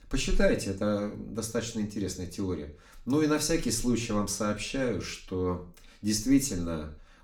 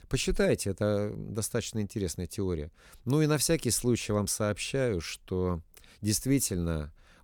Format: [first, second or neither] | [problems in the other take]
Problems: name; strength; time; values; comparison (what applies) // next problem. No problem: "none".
second | room echo; slight; dies away in 0.4 s // off-mic speech; far